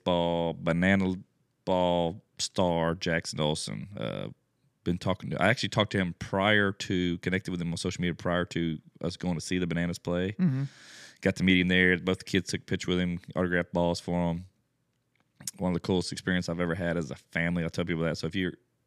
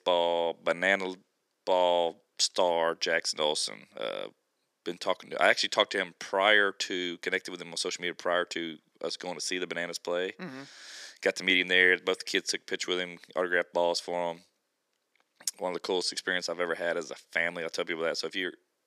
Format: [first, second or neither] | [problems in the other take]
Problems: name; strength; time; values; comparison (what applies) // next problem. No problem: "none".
first | thin; very; fading below 400 Hz